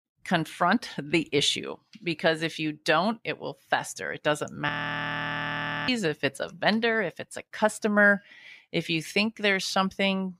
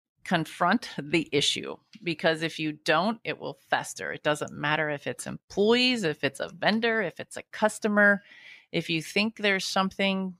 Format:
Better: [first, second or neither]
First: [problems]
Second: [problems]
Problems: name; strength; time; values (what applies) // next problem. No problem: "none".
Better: second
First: audio freezing; at 4.5 s for 1 s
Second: none